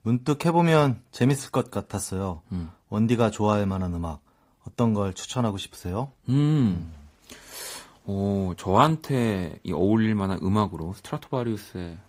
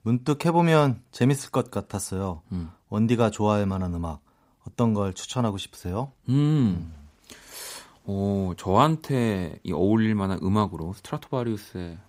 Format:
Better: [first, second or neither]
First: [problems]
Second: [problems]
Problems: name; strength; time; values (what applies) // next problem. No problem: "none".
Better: second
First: garbled, watery; slightly; nothing above 15.5 kHz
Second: none